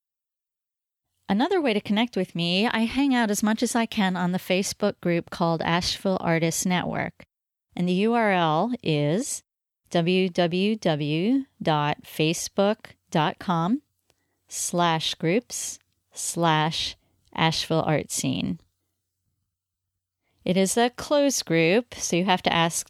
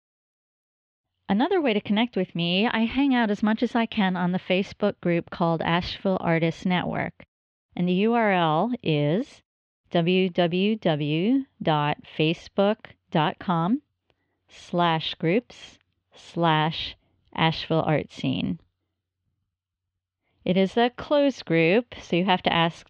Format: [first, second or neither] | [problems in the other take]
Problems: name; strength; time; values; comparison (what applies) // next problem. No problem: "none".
first | muffled; slightly; fading above 3 kHz